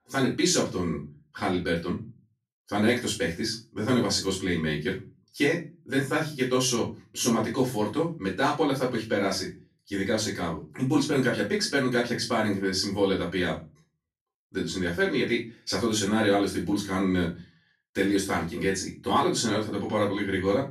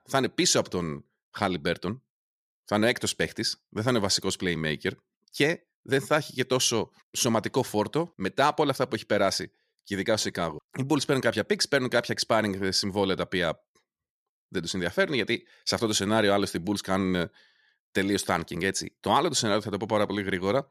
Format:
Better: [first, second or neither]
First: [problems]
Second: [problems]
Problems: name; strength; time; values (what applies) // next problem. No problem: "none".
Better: second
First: room echo; slight; dies away in 0.3 s // off-mic speech; far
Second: none